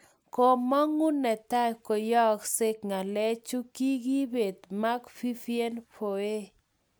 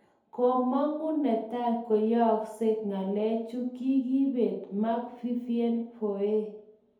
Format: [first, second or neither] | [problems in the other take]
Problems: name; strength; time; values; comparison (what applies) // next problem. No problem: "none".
first | room echo; dies away in 2.1 s